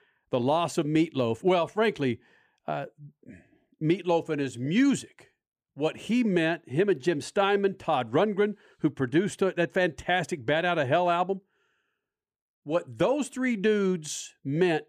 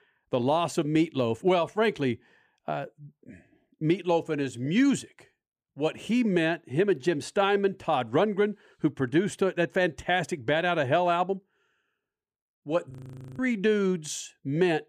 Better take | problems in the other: first | audio freezing; at 13 s

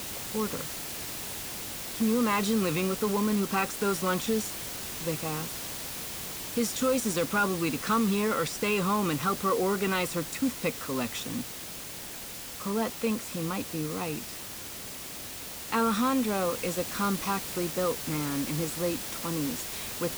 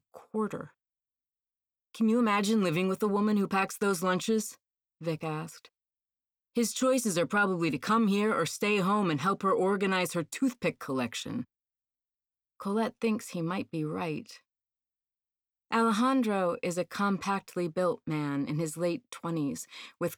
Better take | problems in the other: second | hiss; loud; throughout; 6 dB below the speech

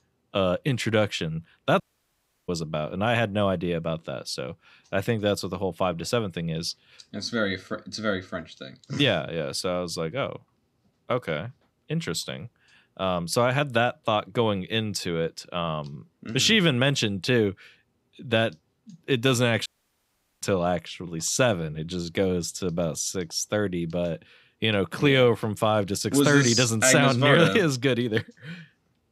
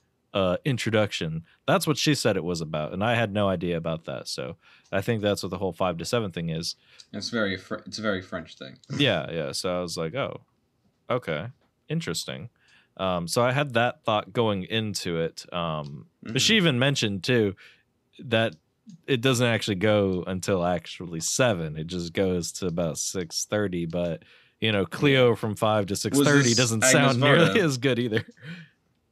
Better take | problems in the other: second | audio cutting out; at 2 s for 0.5 s and at 20 s for 1 s

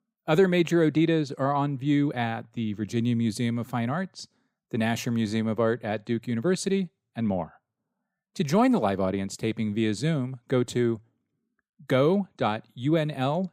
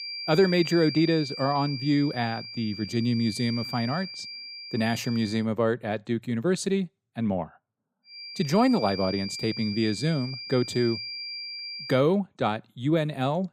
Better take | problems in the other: first | high-pitched whine; loud; until 5.5 s and from 8 to 12 s; 5 kHz, 9 dB below the speech

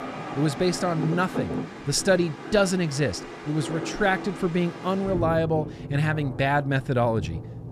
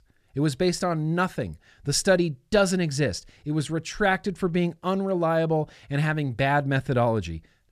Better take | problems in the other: second | rain or running water; loud; throughout; 9 dB below the speech

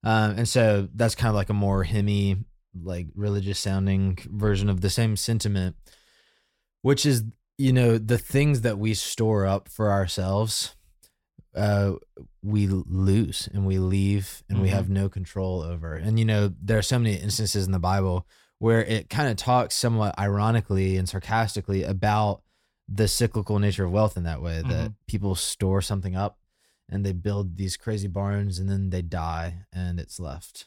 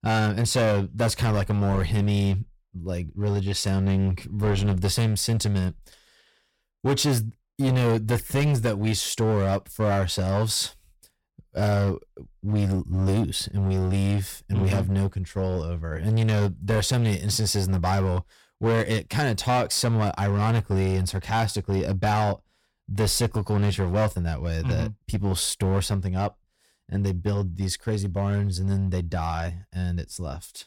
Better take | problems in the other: first | distortion; slight; 11% of the sound clipped

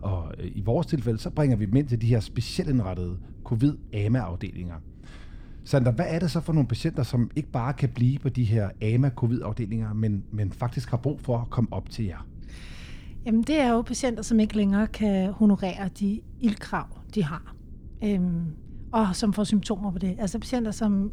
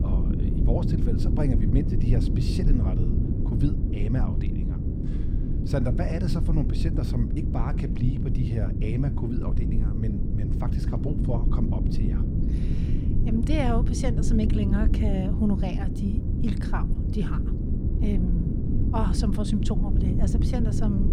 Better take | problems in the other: first | low rumble; loud; throughout; 2 dB below the speech; faint in the first

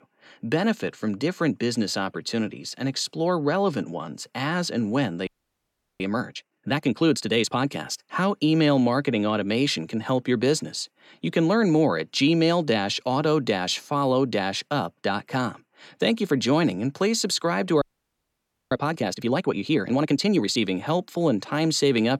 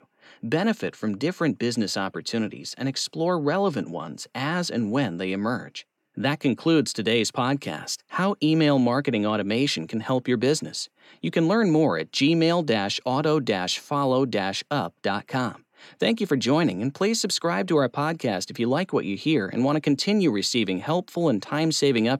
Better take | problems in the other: second | audio freezing; at 5.5 s for 0.5 s and at 18 s for 1 s

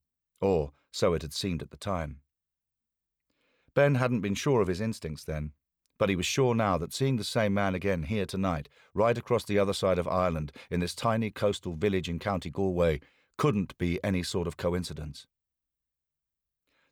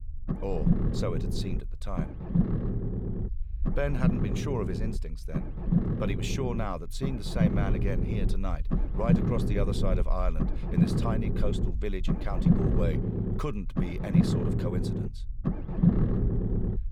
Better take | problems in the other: first | low rumble; loud; throughout; as loud as the speech

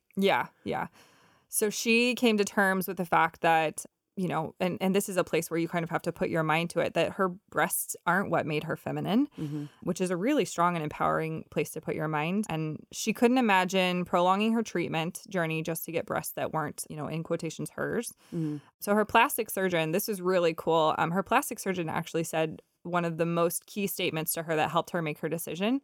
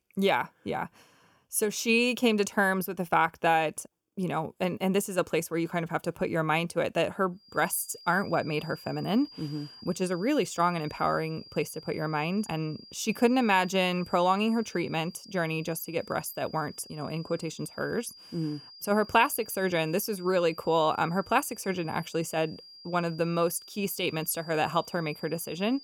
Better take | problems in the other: first | high-pitched whine; noticeable; from 7.5 s on; 5 kHz, 20 dB below the speech

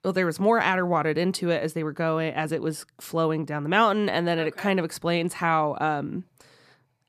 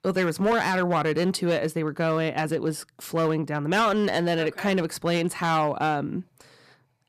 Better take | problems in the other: first | distortion; slight; 7% of the sound clipped

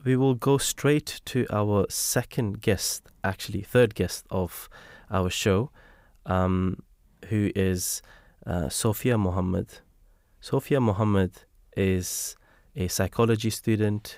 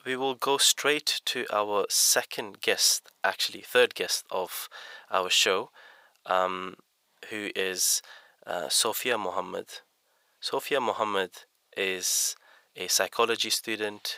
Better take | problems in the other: first | thin; very; fading below 700 Hz

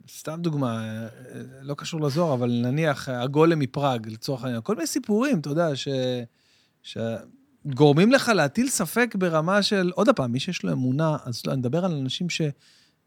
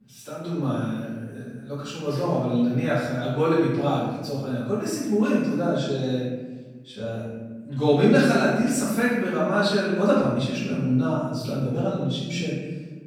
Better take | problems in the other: first | room echo; strong; dies away in 1.2 s // off-mic speech; far

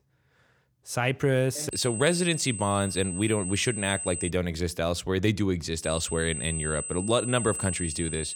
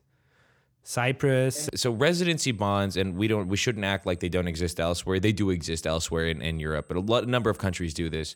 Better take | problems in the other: second | high-pitched whine; loud; from 1.5 to 4.5 s and from 6 s on; 8 kHz, 6 dB below the speech; faint in the second

